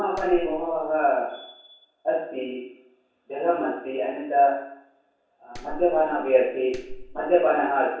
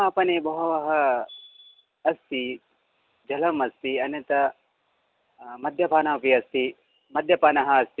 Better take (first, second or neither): second